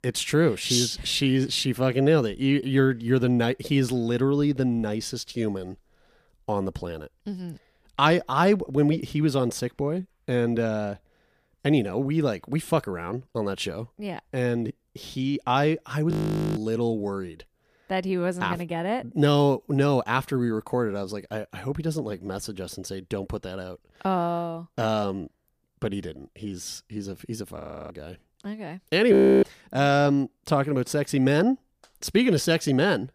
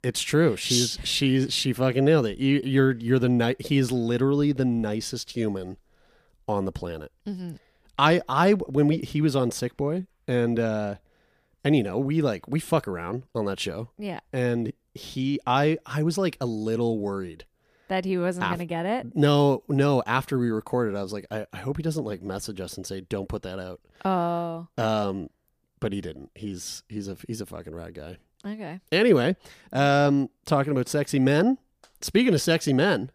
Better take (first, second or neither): second